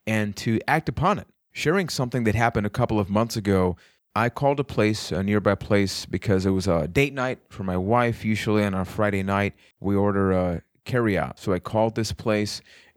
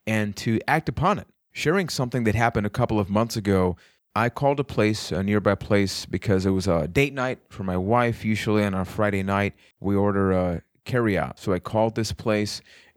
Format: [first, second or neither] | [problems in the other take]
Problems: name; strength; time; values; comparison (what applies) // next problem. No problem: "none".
neither | none